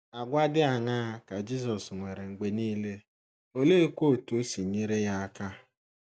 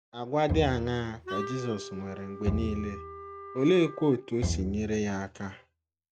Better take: first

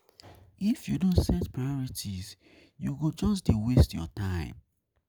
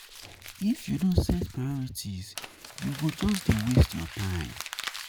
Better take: first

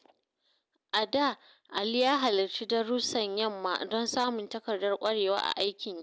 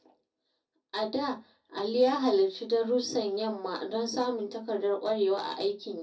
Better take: first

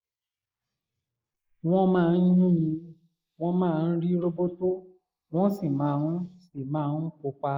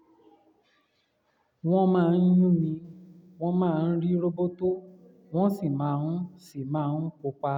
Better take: second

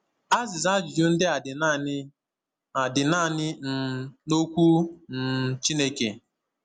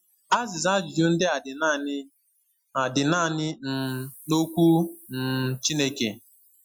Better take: first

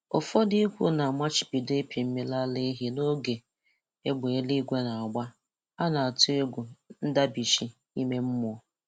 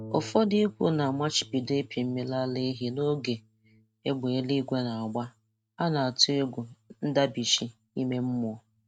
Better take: first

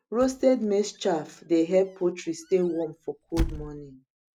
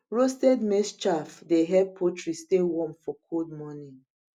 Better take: second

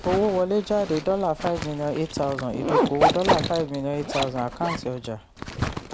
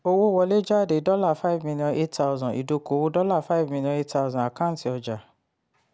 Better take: second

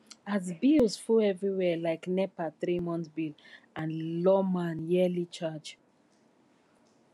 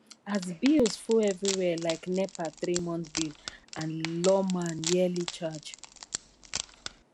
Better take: first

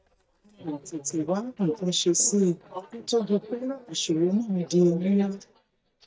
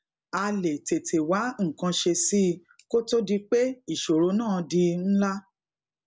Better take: second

